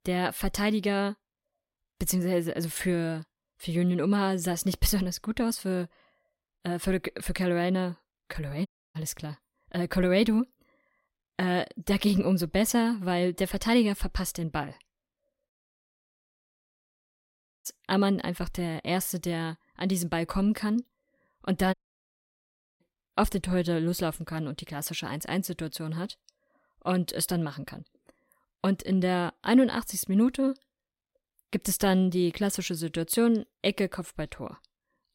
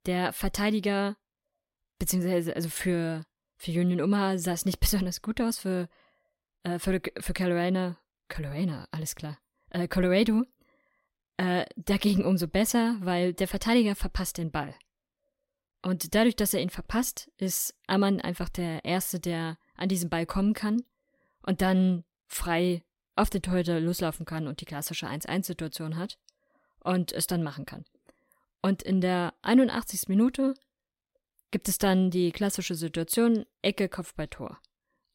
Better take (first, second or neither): second